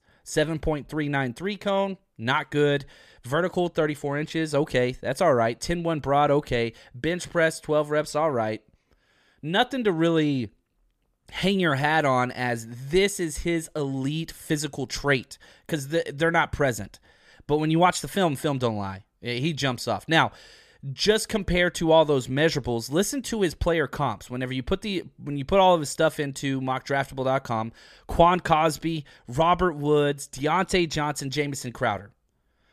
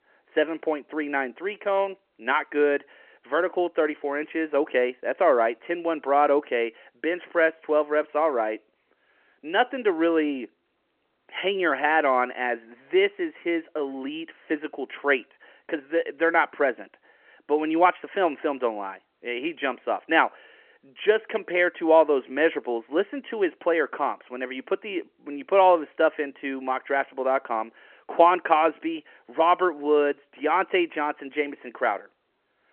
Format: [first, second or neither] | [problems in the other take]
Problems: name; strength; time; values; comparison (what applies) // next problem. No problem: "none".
first | phone-call audio